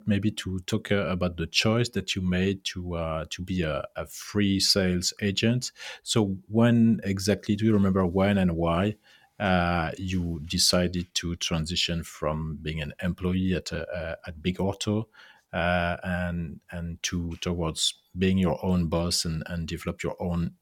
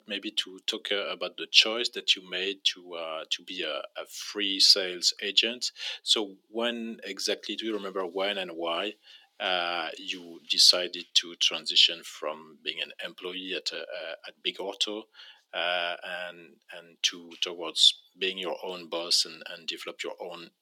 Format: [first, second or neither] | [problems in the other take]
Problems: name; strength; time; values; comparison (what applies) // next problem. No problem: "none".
first | thin; very; fading below 300 Hz